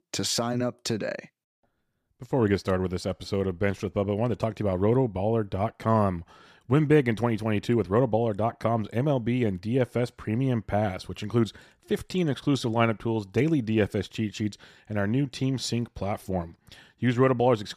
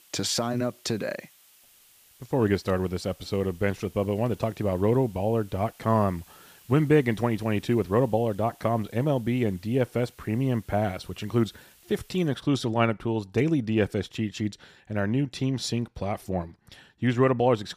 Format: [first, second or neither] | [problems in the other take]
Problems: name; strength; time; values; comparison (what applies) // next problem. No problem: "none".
first | hiss; faint; until 12 s; 25 dB below the speech